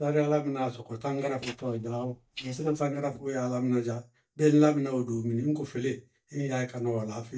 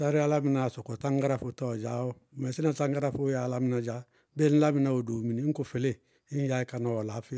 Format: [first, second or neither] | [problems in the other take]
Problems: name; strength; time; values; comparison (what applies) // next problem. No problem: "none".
second | noise reduction (neural mask model DeepFilterNet 3)